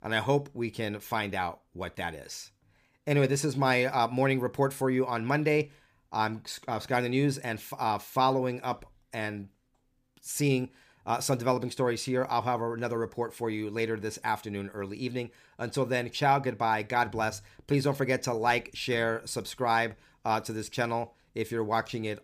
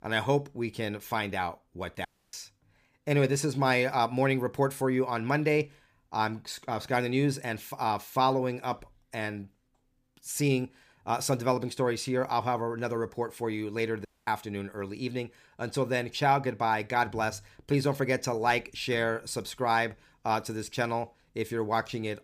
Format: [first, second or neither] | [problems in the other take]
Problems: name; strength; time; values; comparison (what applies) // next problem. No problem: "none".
first | audio cutting out; at 2 s and at 14 s